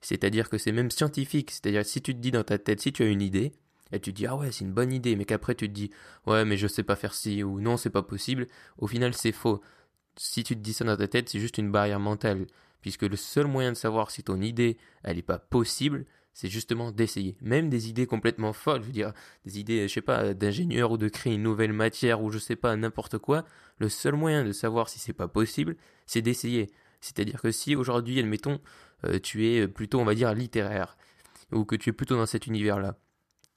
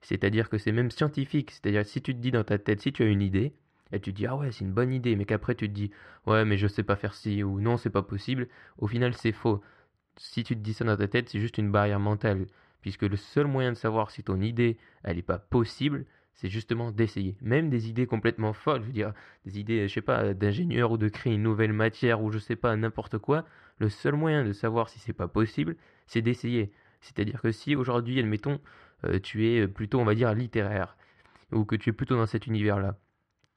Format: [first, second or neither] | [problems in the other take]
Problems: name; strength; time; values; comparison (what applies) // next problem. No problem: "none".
first | muffled; slightly; fading above 2.5 kHz